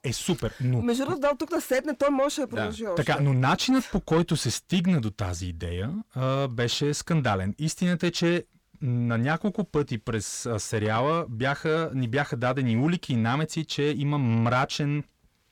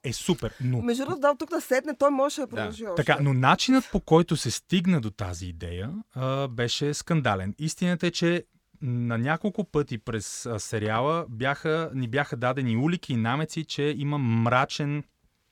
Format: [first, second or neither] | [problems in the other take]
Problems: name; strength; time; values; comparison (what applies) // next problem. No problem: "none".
second | distortion; slight; 10 dB below the speech